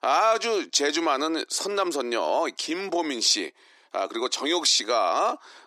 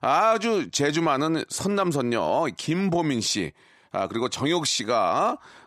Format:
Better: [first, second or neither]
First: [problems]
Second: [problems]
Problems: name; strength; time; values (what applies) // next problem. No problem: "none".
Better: second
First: thin; somewhat; fading below 300 Hz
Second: none